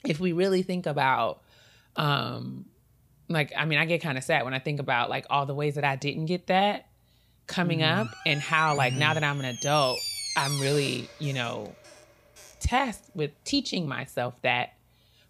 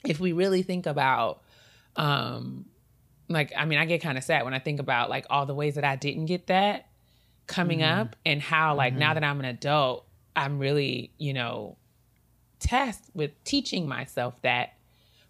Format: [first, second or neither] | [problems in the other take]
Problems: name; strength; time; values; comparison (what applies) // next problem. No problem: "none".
second | door banging; noticeable; from 8 to 13 s; peak 3 dB below the speech